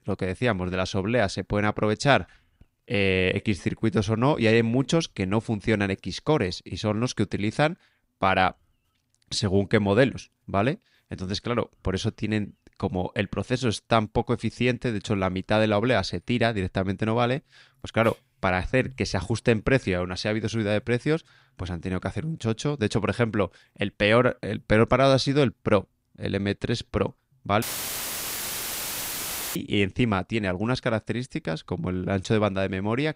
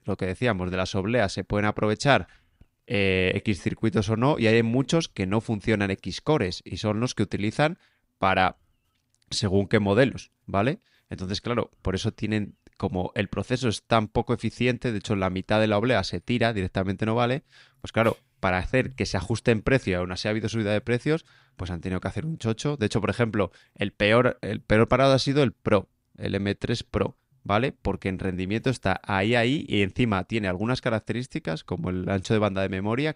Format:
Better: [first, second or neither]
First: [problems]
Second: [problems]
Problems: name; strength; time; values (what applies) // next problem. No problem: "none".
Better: second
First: audio cutting out; filled with static; at 28 s for 2 s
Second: none